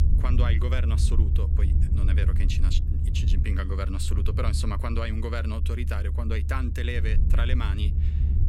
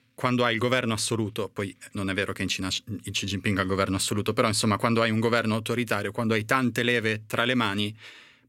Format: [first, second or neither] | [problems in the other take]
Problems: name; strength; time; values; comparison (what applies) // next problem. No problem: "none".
second | low rumble; loud; throughout; 7 dB below the speech